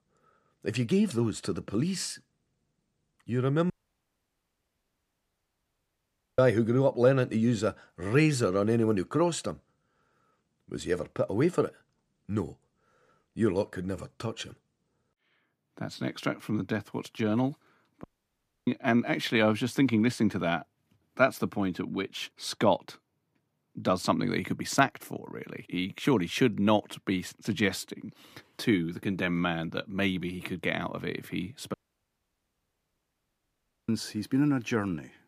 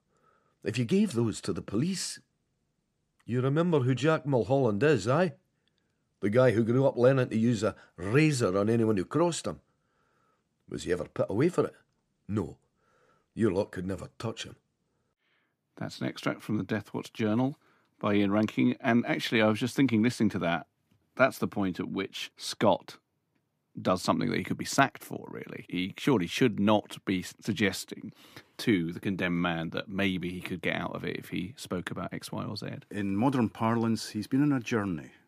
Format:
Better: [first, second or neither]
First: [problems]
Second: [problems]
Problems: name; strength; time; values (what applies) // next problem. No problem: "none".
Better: second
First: audio cutting out; at 3.5 s for 2.5 s, at 18 s for 0.5 s and at 32 s for 2 s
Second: none